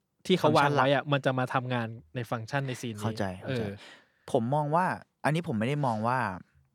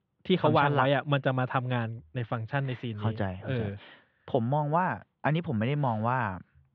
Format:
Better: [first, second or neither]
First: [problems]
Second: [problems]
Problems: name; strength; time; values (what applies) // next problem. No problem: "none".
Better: first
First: none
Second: muffled; very; fading above 3.5 kHz